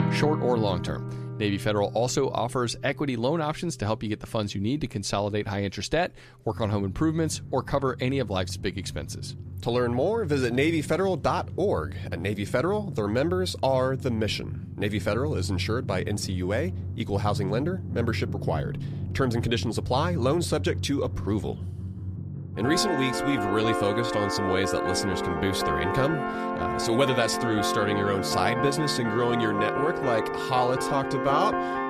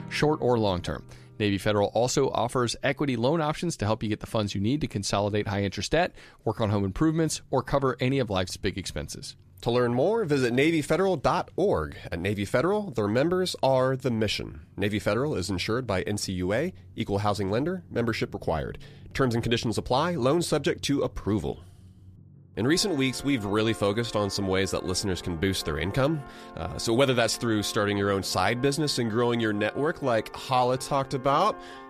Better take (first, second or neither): second